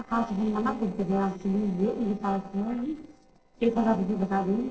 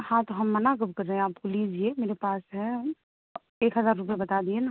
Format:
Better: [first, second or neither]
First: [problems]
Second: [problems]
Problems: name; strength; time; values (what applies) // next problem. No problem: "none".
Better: second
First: noise reduction (neural separator model SepFormer DNS4)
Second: none